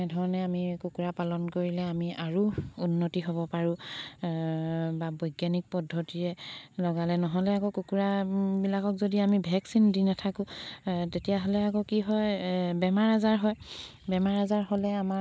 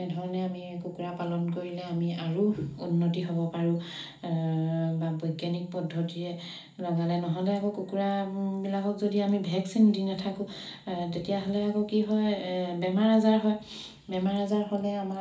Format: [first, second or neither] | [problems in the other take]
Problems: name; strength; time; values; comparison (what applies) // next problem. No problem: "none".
first | room echo; dies away in 0.4 s